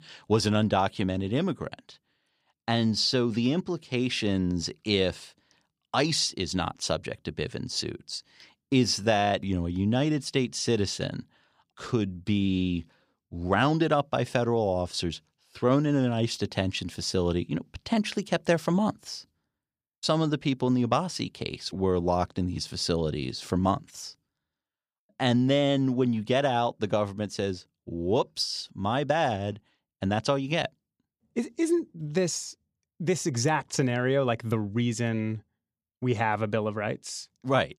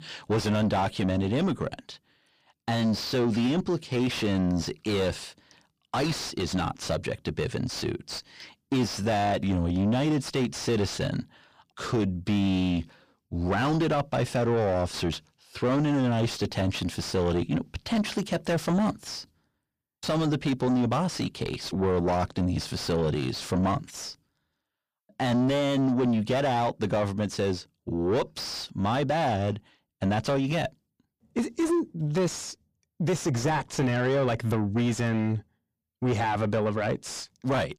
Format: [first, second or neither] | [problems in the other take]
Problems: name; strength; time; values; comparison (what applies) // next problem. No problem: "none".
first | distortion; heavy; 6 dB below the speech